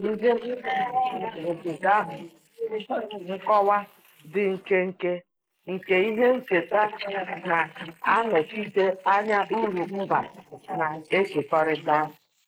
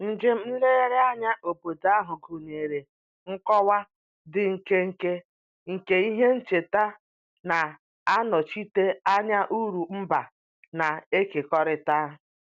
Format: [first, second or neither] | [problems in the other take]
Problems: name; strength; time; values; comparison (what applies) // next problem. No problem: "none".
second | noise reduction (neural mask model Resemble Enhance denoiser)